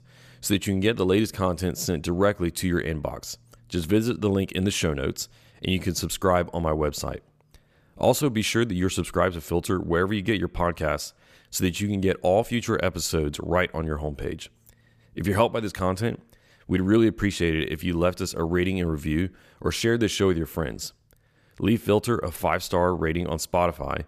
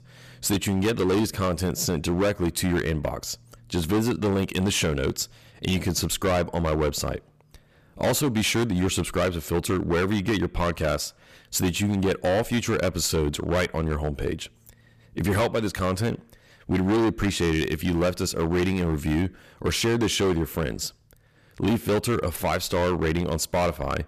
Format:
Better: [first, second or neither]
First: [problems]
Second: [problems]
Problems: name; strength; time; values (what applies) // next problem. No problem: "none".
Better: first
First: none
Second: distortion; heavy; 12% of the sound clipped